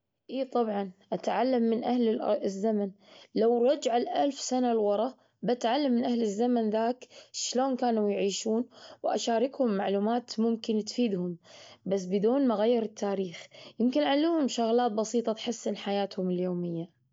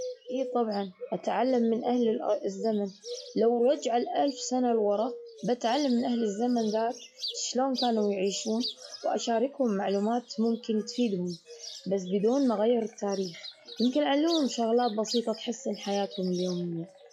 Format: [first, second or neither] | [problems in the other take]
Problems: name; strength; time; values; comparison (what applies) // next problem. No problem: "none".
first | noise reduction (classical method log-MMSE)